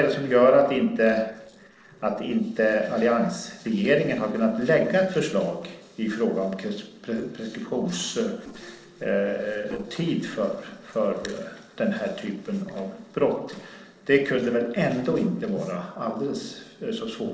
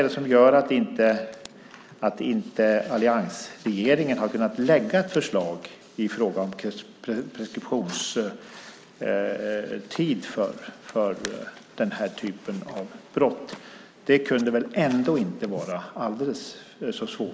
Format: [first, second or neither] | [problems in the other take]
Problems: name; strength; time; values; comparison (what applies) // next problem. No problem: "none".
second | noise reduction (neural separator model SepFormer DNS4)